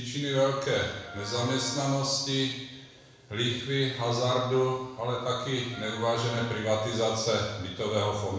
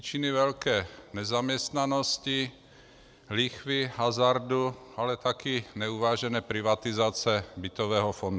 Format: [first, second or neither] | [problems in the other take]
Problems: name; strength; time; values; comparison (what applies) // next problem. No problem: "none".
second | background sound (Wind instrument, woodwind instrument); 16 dB below the speech // room echo; dies away in 1 s